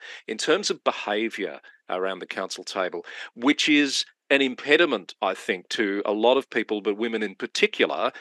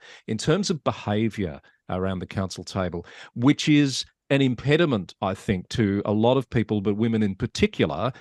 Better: second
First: thin; somewhat; fading below 300 Hz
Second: none

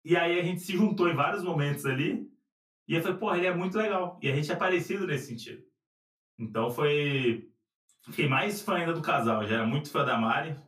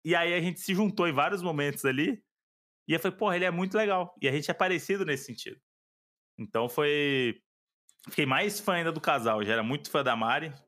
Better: second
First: off-mic speech; far // room echo; very slight; dies away in 0.2 s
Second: none

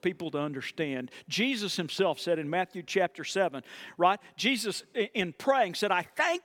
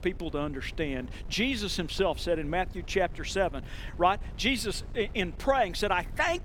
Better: first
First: none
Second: wind noise on the microphone; occasional gusts; 25 dB below the speech

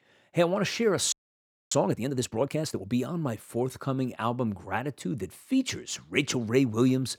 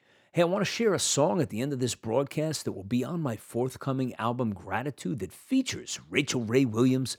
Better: second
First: audio freezing; at 1 s for 0.5 s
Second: none

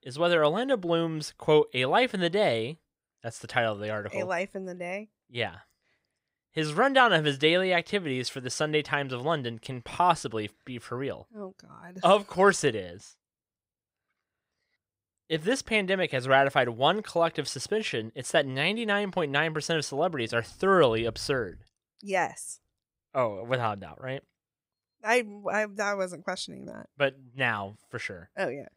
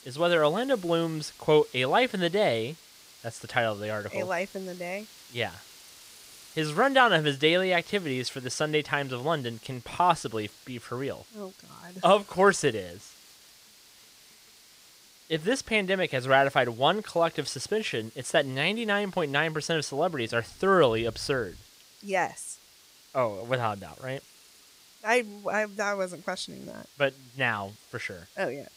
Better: first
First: none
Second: hiss; faint; throughout; 25 dB below the speech

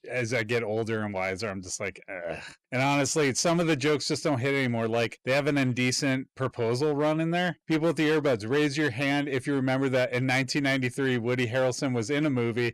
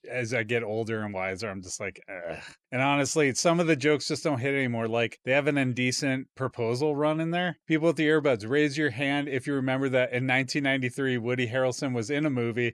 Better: second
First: distortion; slight; 7% of the sound clipped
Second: none

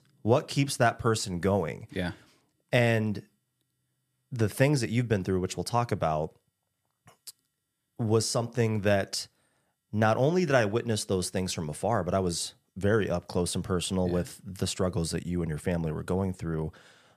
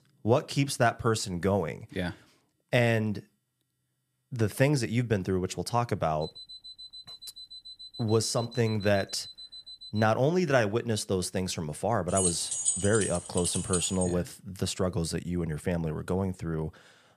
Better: first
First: none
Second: alarm; faint; from 6 to 10 s; peak 15 dB below the speech // jangling keys; loud; from 12 to 14 s; peak 2 dB above the speech

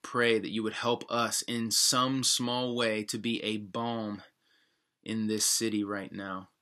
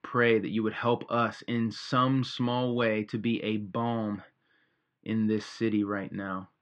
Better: first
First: none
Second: muffled; very; fading above 2.5 kHz

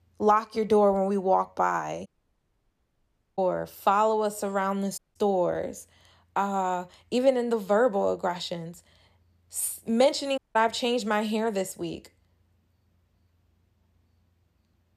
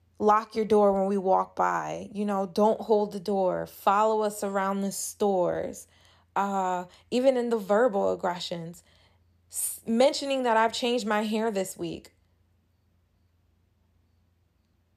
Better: second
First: audio cutting out; at 2 s for 1.5 s, at 5 s and at 10 s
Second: none

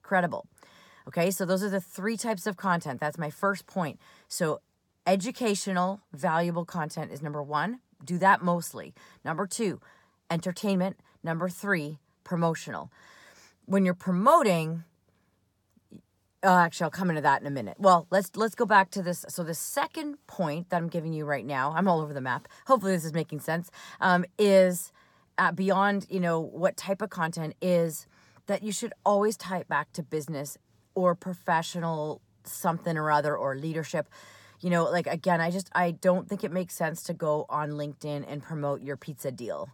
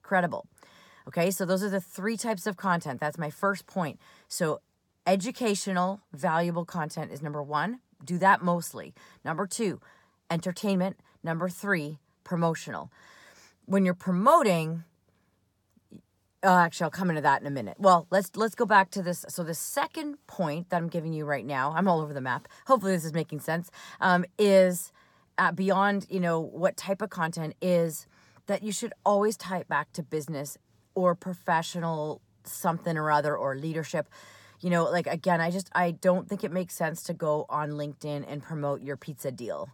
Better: neither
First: none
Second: none

